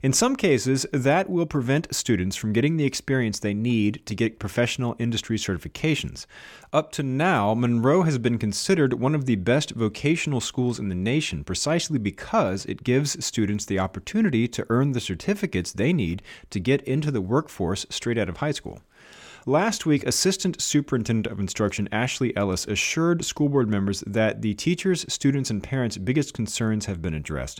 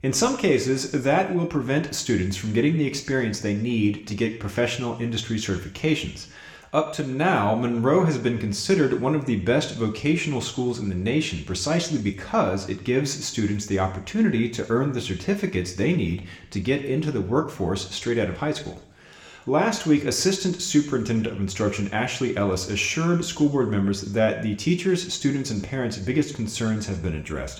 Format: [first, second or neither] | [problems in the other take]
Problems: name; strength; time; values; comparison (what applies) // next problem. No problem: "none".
first | room echo; very slight; dies away in 0.7 s